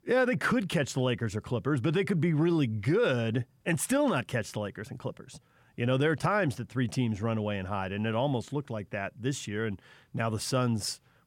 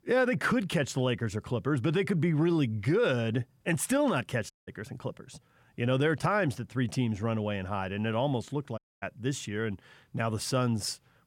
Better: first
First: none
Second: audio cutting out; at 4.5 s and at 9 s

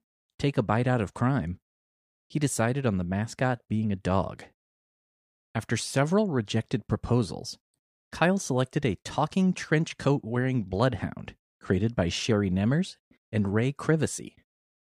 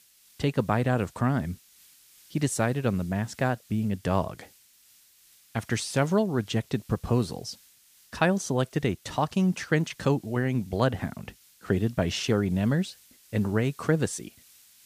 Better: first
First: none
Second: hiss; faint; throughout; 25 dB below the speech

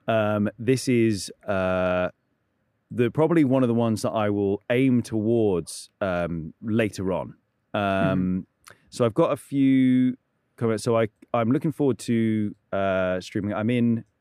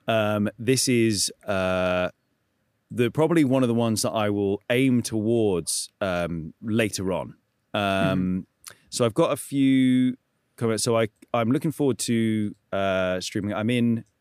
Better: second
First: muffled; slightly; fading above 3 kHz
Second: none

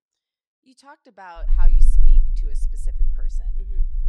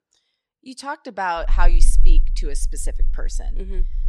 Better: second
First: low rumble; loud; from 1.5 s on; 8 dB below the speech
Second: low rumble; faint; from 1.5 s on; 25 dB below the speech

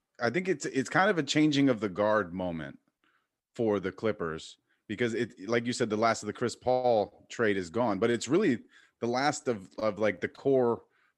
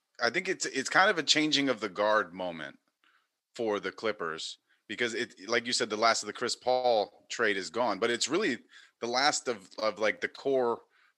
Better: first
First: none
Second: thin; very slightly; fading below 850 Hz

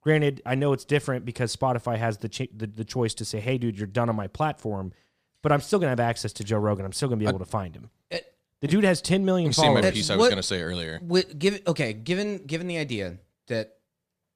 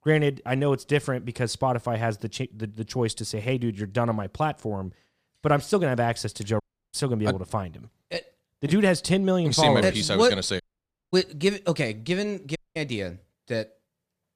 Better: first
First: none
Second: audio cutting out; at 6.5 s, at 11 s for 0.5 s and at 13 s

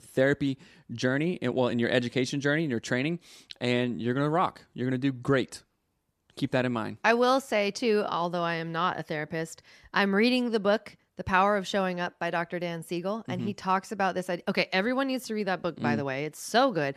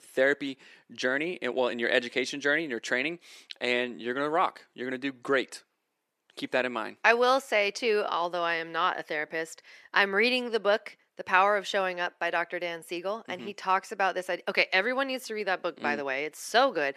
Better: first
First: none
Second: thin; somewhat; fading below 400 Hz

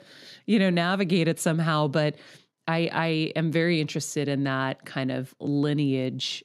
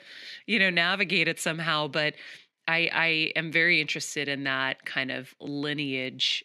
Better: first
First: none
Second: thin; somewhat; fading below 300 Hz

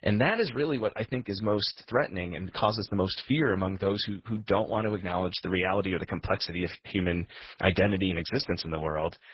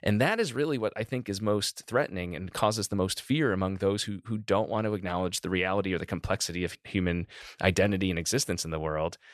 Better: second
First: garbled, watery; badly; nothing above 5.5 kHz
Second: none

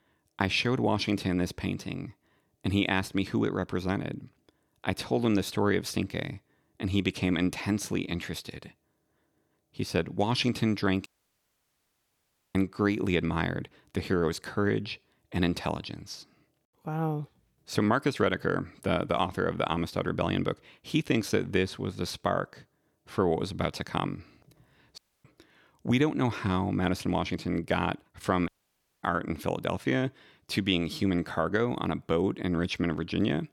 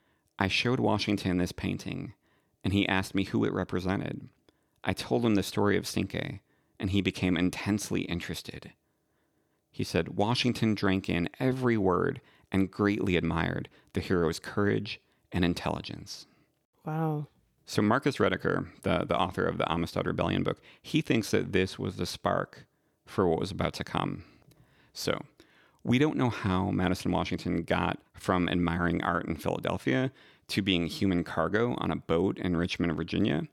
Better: second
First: audio cutting out; at 11 s for 1.5 s, at 25 s and at 28 s for 0.5 s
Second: none

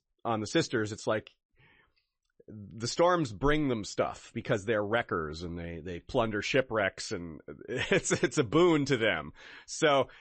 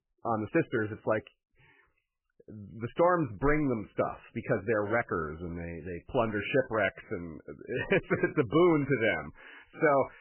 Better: first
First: garbled, watery; slightly; nothing above 8 kHz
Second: garbled, watery; badly; nothing above 2.5 kHz

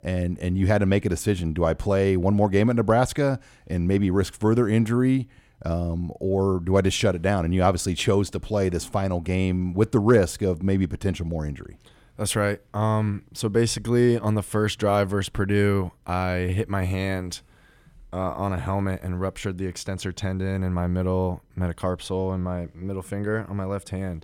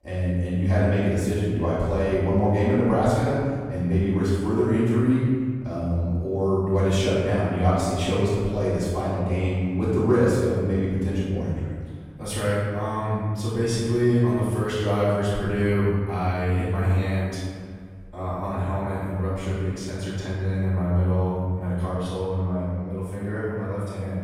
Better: first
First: none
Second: off-mic speech; far // room echo; strong; dies away in 1.7 s

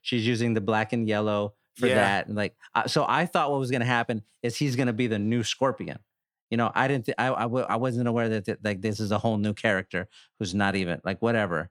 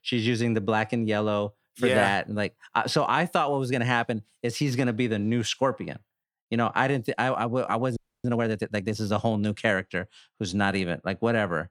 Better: first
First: none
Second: audio freezing; at 8 s

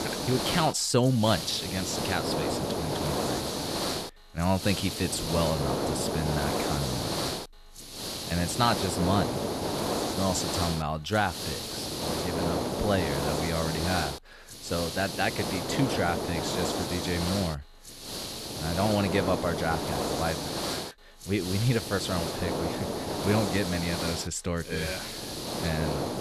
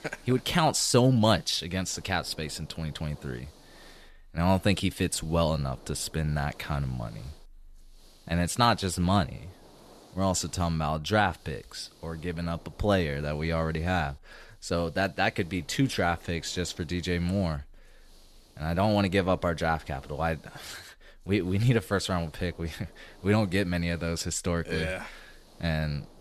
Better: second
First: hiss; loud; throughout; 2 dB below the speech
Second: hiss; faint; throughout; 25 dB below the speech

